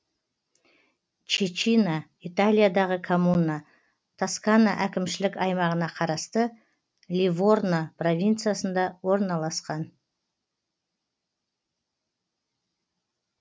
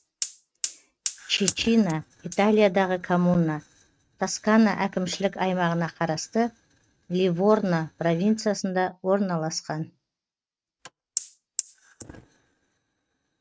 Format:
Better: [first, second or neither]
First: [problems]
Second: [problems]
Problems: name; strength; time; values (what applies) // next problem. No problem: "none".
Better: first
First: none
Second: noise reduction (neural mask model RNNoise)